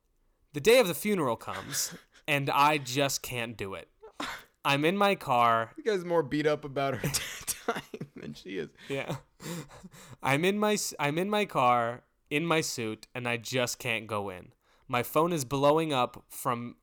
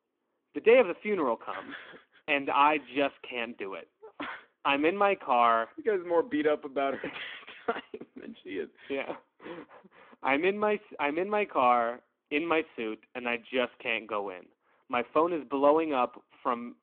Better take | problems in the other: first | phone-call audio

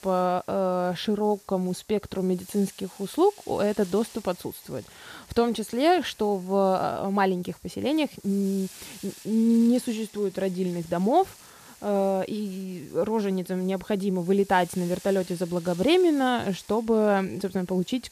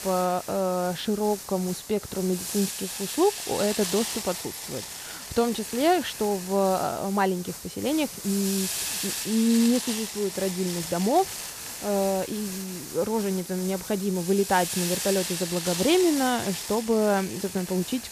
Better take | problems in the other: first | hiss; loud; throughout; 6 dB below the speech; faint in the first

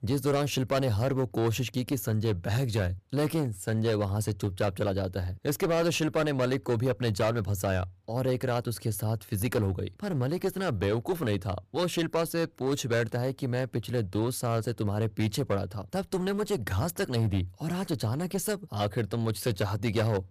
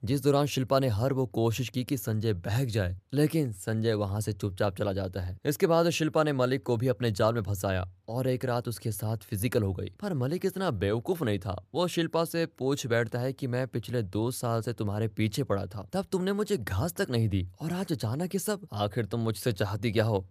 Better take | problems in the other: second | distortion; slight; 12% of the sound clipped

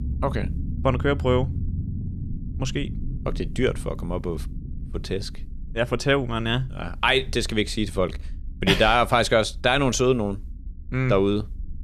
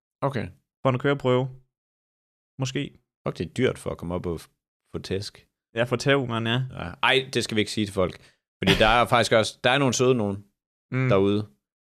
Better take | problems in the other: second | low rumble; faint; throughout; 25 dB below the speech

